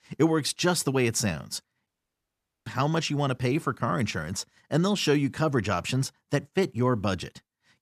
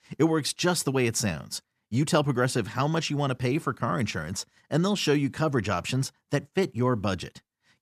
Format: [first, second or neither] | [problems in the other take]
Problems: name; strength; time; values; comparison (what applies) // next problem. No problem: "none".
second | audio cutting out; at 2 s for 1 s